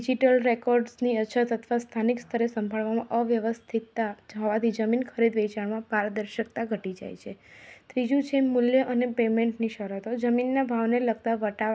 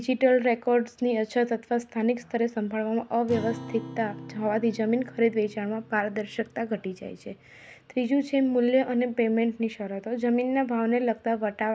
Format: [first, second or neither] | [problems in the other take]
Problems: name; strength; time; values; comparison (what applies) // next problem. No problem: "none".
first | background sound (Acoustic guitar); 20 dB below the speech